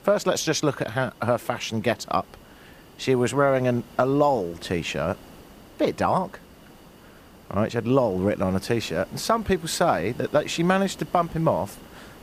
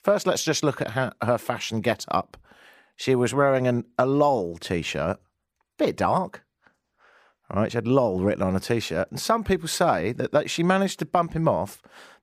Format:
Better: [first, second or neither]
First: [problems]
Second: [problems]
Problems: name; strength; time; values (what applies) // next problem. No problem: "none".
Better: second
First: hiss; faint; throughout; 25 dB below the speech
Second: none